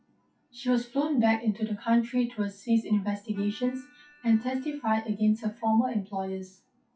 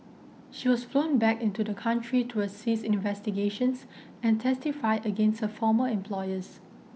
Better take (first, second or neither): second